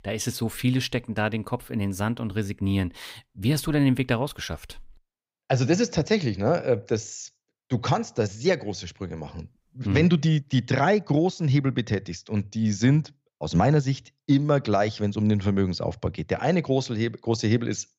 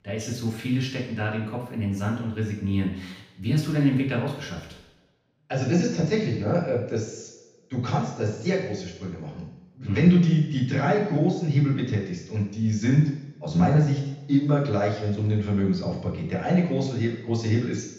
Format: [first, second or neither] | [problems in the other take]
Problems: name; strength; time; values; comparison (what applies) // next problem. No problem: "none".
first | room echo; noticeable; dies away in 0.9 s // off-mic speech; far